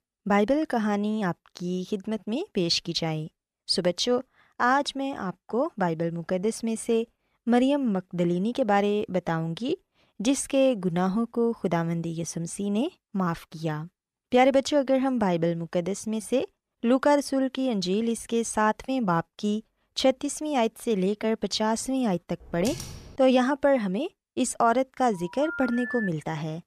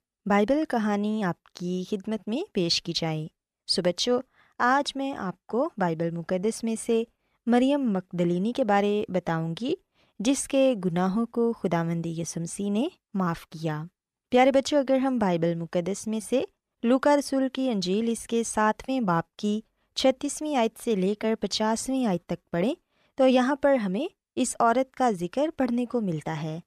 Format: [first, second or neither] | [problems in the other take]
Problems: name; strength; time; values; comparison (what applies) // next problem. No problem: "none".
second | keyboard typing; noticeable; at 22 s; peak 10 dB below the speech // phone ringing; noticeable; at 25 s; peak 7 dB below the speech